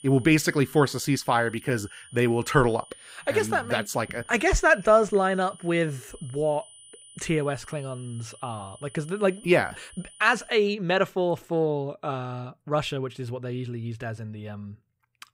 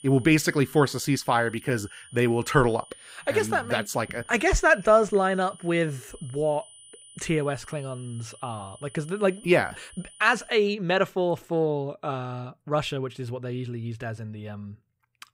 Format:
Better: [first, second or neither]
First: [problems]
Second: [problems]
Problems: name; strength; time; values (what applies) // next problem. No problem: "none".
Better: neither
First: high-pitched whine; faint; until 11 s; 9.5 kHz, 20 dB below the speech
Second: high-pitched whine; faint; until 11 s; 9.5 kHz, 20 dB below the speech